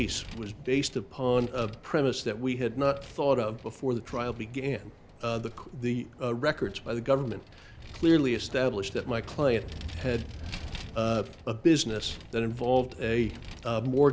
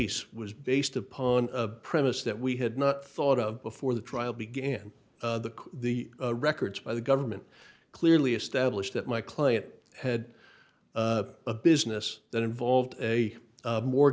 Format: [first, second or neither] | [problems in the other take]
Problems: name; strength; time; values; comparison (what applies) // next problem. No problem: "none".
second | background sound (Vehicle); 15 dB below the speech